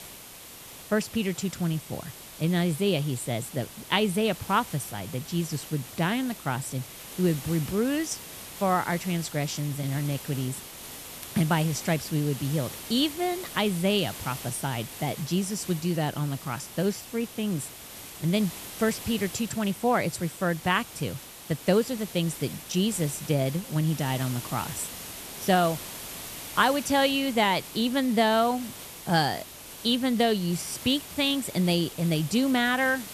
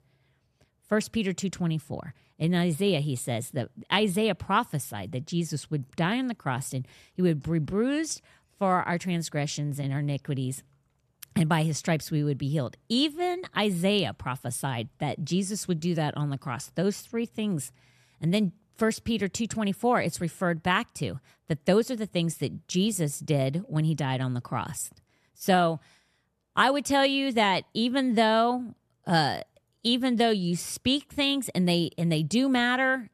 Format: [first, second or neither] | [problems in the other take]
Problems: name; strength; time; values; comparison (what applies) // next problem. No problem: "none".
second | hiss; noticeable; throughout; 10 dB below the speech